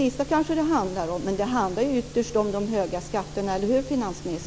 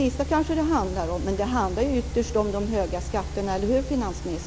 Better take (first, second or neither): first